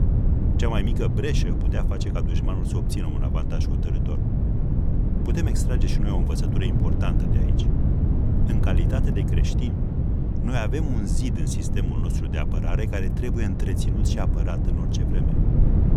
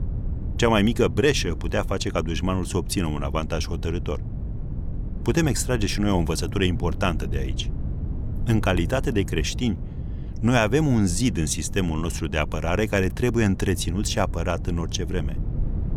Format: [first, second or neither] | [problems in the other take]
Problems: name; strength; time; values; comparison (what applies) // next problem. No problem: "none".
second | wind noise on the microphone; heavy; as loud as the speech; occasional gusts in the second